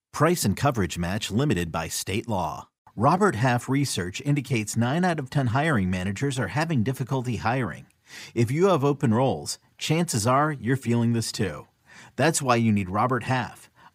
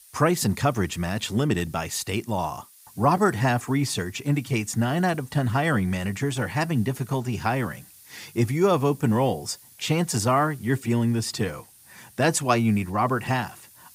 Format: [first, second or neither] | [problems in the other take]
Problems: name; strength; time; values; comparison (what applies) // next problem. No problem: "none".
first | hiss; faint; throughout; 25 dB below the speech